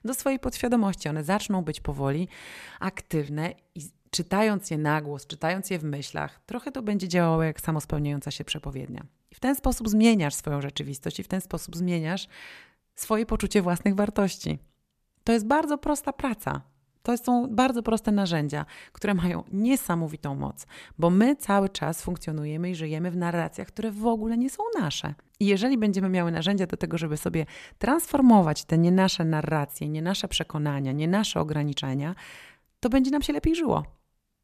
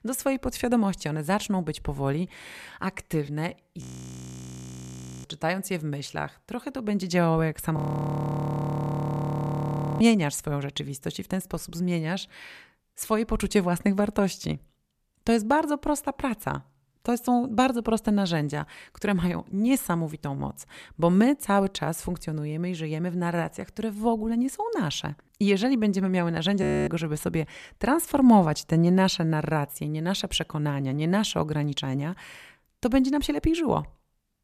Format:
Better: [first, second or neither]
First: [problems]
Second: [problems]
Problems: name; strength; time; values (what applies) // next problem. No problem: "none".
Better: first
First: none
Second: audio freezing; at 4 s for 1.5 s, at 8 s for 2 s and at 27 s